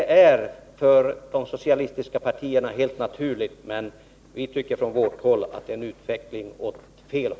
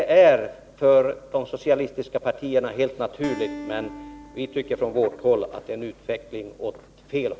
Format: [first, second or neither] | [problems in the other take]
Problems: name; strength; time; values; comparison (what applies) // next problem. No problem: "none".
first | background sound (Acoustic guitar); 16 dB below the speech